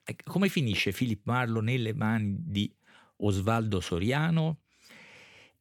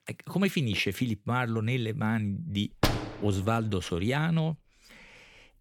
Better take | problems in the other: first | door banging; loud; at 3 s; peak 1 dB above the speech

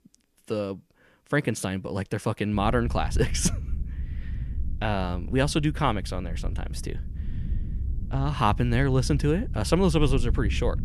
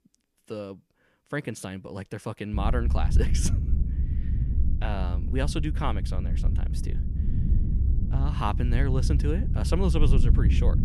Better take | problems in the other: first | low rumble; loud; from 2.5 s on; 8 dB below the speech; faint in the first

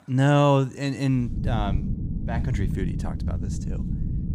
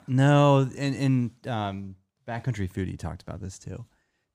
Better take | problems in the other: second | low rumble; noticeable; from 1.5 s on; 15 dB below the speech

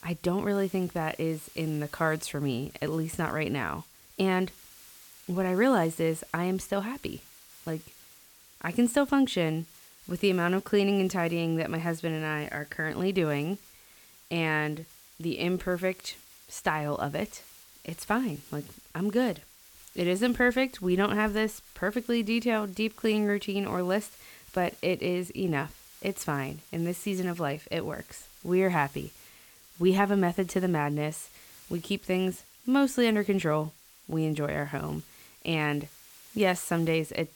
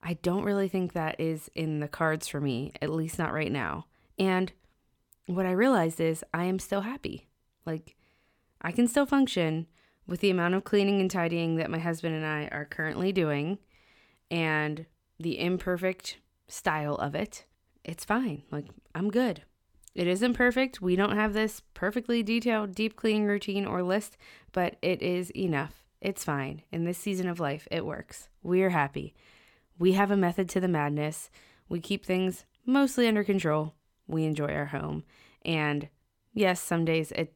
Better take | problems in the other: second | hiss; faint; throughout; 20 dB below the speech

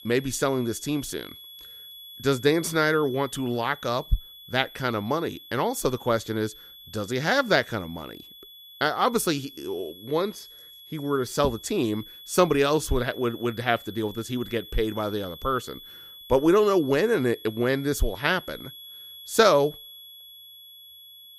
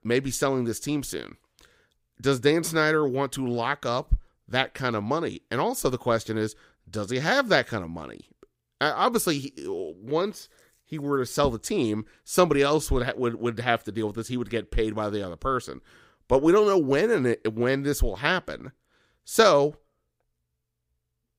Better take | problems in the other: second | high-pitched whine; noticeable; throughout; 3.5 kHz, 15 dB below the speech

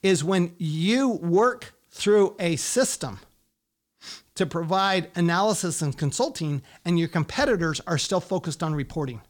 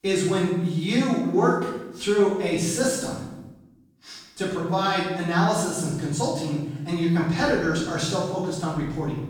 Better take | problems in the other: first | room echo; noticeable; dies away in 0.9 s // off-mic speech; far

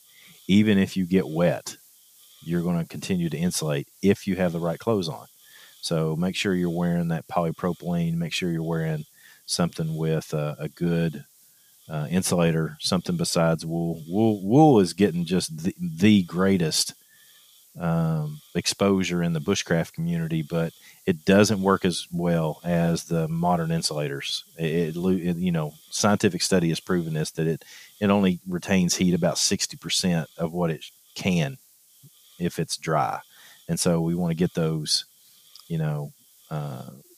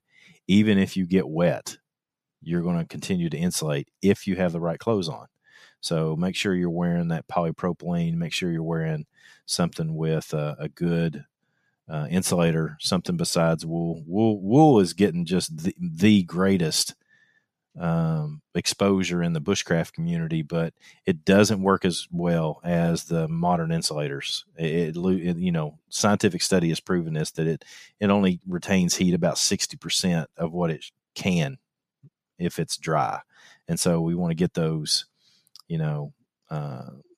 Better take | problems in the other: second | hiss; faint; throughout; 25 dB below the speech

